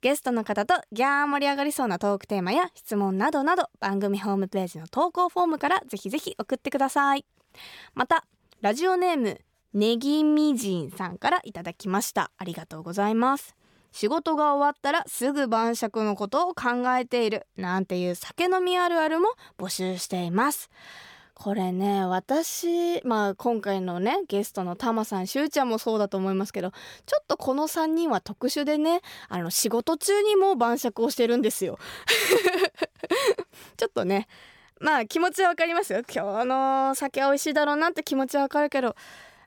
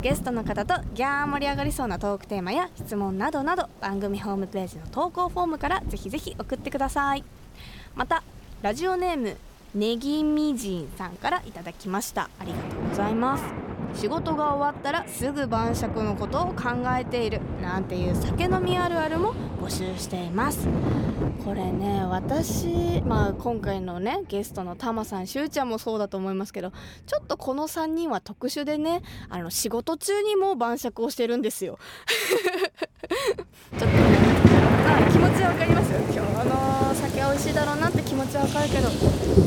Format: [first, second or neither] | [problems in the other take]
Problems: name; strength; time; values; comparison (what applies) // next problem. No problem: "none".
first | rain or running water; very loud; throughout; 2 dB above the speech